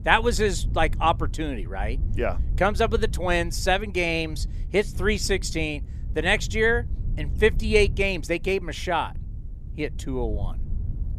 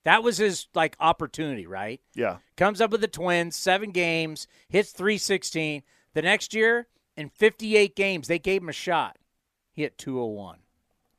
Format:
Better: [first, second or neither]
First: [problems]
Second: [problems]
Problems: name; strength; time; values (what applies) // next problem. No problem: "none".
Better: second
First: wind noise on the microphone; occasional gusts; 25 dB below the speech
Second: none